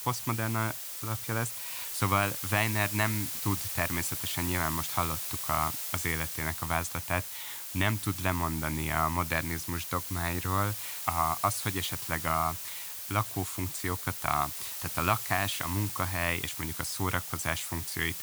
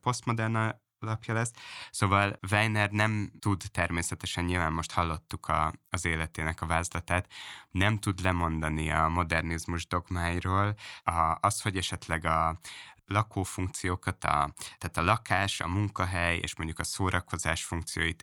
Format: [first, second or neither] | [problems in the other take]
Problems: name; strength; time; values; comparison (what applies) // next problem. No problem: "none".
second | hiss; loud; throughout; 2 dB below the speech